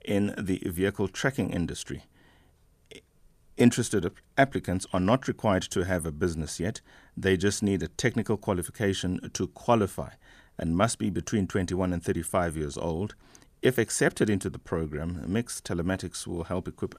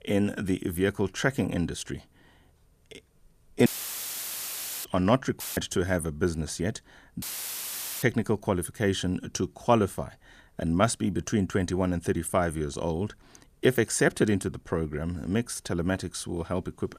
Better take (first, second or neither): first